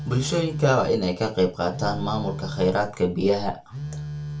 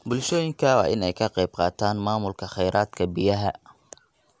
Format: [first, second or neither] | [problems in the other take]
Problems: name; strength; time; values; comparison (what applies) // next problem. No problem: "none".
second | background sound (Telephone); 10 dB below the speech // room echo; dies away in 0.2 s